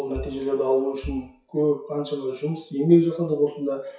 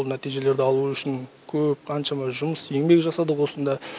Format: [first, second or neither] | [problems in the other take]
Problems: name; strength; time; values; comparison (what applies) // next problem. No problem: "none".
second | noise reduction (classical method WPE with log-MMSE)